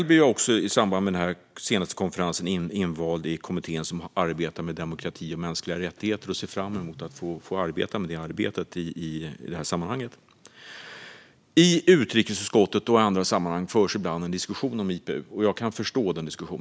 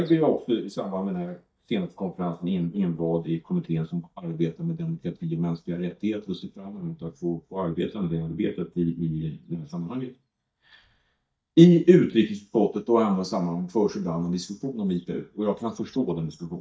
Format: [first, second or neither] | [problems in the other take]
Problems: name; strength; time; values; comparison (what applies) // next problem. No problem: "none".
first | noise reduction (neural mask model DeepFilterNet 3)